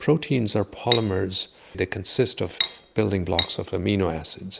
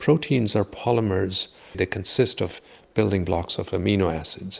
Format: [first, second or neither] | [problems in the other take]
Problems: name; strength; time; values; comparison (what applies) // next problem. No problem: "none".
second | background sound (Cutlery, silverware); 5 dB below the speech